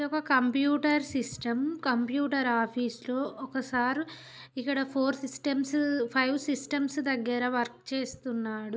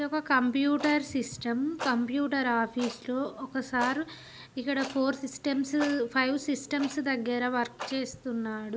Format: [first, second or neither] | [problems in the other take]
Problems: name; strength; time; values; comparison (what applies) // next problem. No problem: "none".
first | background sound (Clock); 16 dB below the speech